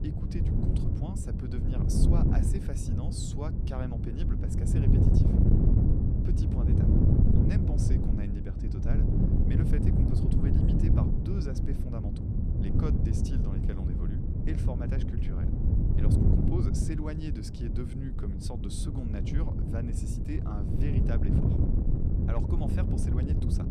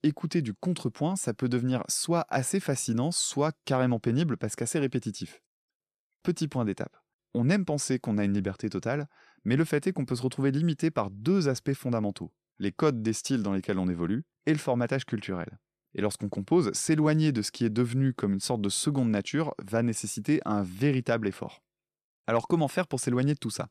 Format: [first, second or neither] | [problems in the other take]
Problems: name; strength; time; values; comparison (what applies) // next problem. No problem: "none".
second | wind noise on the microphone; heavy; 4 dB above the speech